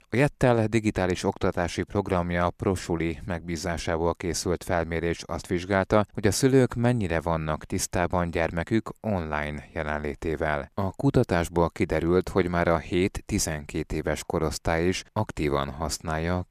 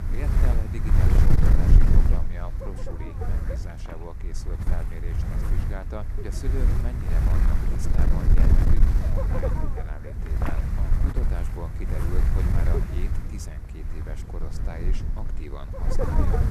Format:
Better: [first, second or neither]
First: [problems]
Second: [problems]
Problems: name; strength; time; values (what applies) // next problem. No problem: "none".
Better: first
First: none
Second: wind noise on the microphone; heavy; 5 dB above the speech